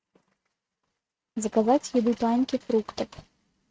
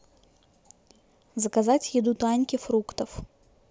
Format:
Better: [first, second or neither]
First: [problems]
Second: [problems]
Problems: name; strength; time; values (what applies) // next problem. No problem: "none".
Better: second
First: noise reduction (neural mask model RNNoise)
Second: none